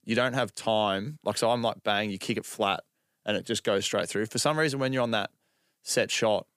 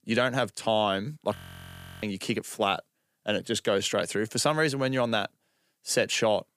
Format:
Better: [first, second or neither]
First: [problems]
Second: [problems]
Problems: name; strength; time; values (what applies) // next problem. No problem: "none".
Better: first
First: none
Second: audio freezing; at 1.5 s for 0.5 s